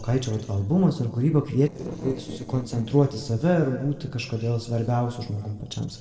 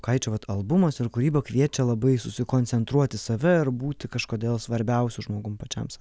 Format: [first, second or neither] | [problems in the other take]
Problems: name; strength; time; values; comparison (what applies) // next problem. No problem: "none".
second | noise reduction (neural separator model SepFormer DNS4)